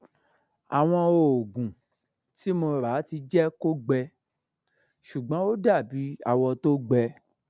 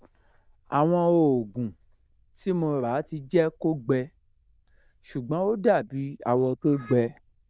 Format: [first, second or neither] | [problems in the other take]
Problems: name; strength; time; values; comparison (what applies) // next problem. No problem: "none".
first | noise reduction (neural diffusion model UNIVERSE++)